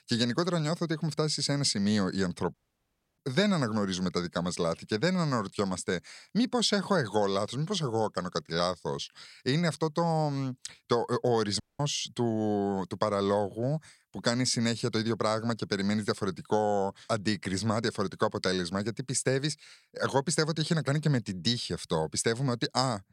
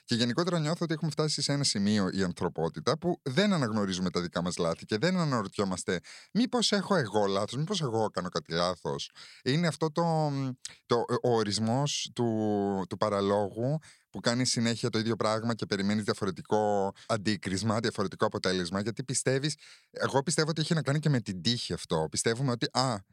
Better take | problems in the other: second | audio cutting out; at 2.5 s for 0.5 s and at 12 s

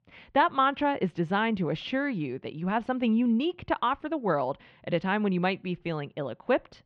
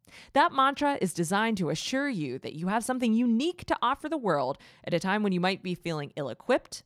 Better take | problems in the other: second | muffled; slightly; fading above 3 kHz

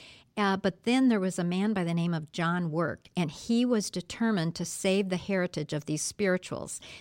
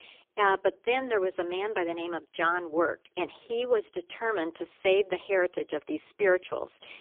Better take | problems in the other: first | phone-call audio; poor line; nothing above 3.5 kHz

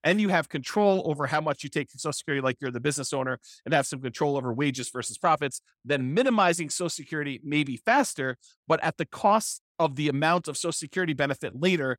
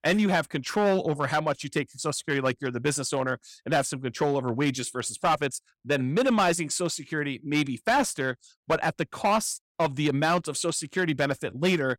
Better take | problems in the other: first | distortion; slight; 5% of the sound clipped

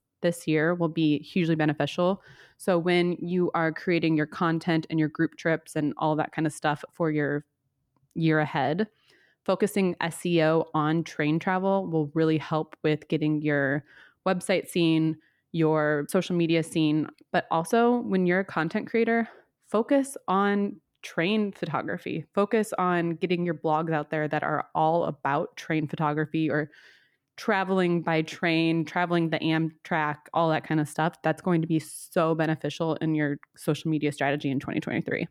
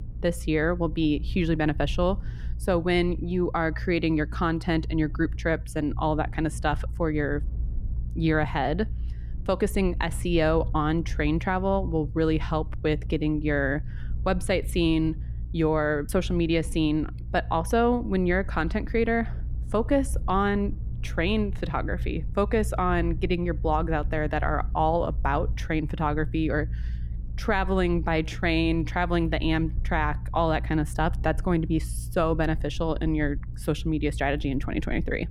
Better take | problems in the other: first | low rumble; faint; throughout; 25 dB below the speech

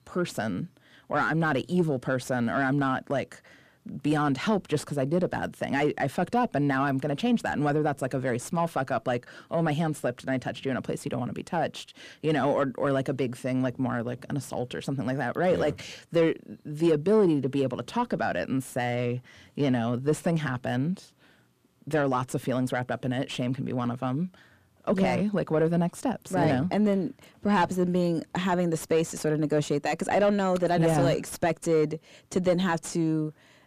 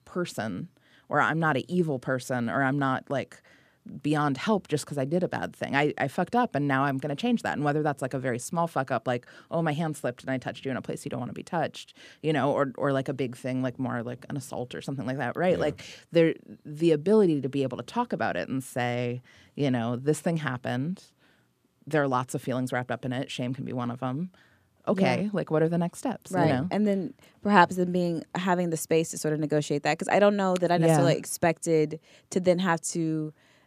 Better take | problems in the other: second | distortion; slight; 10 dB below the speech

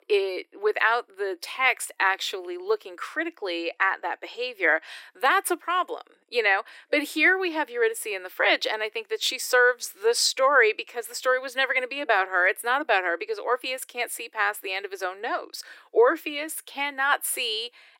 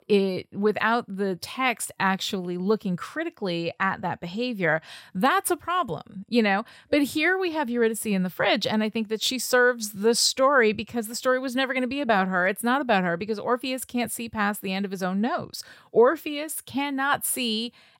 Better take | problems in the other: second | thin; very; fading below 300 Hz

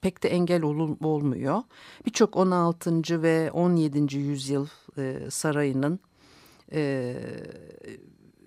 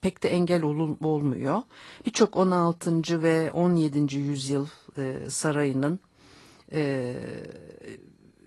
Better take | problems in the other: first | garbled, watery; slightly

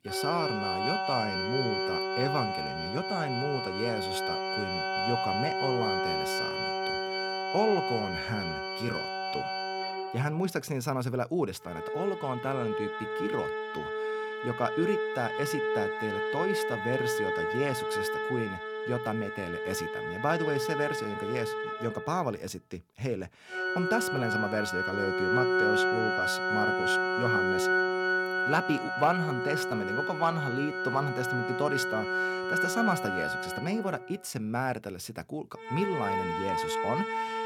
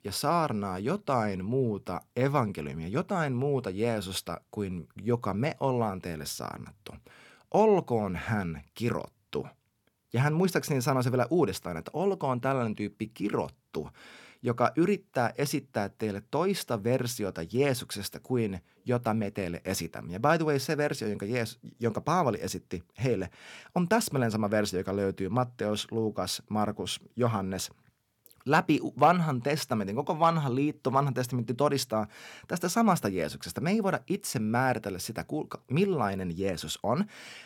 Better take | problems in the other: second | background music; very loud; throughout; 2 dB above the speech

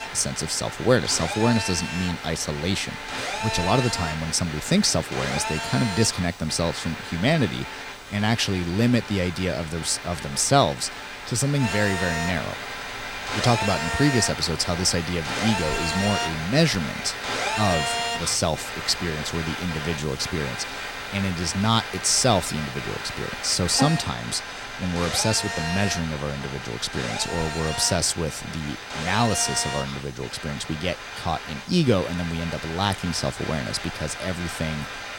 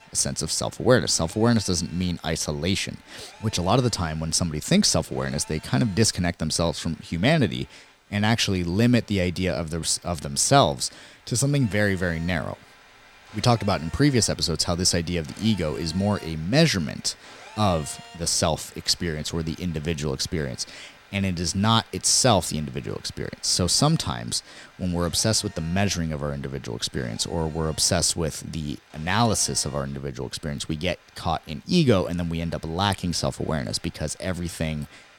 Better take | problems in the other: second | alarms or sirens; loud; throughout; 5 dB below the speech; faint in the second

